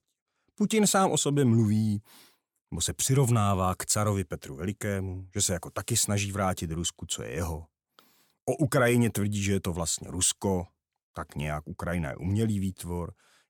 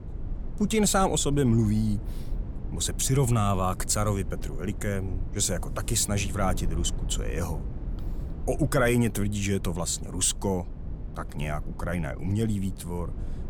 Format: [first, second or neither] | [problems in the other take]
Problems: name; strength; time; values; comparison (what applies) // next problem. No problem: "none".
first | low rumble; noticeable; throughout; 20 dB below the speech